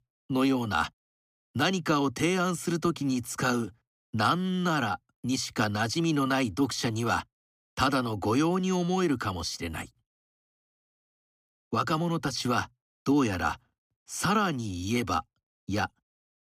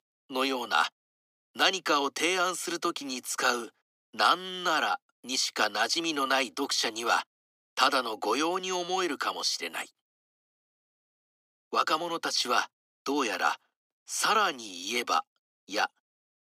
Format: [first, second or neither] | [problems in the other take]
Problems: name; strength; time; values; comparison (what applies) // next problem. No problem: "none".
first | thin; somewhat; fading below 400 Hz